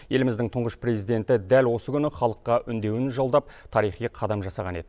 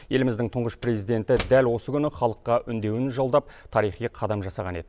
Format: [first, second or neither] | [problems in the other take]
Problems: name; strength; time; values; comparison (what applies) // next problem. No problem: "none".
first | background sound (Slam / Wood); 20 dB below the speech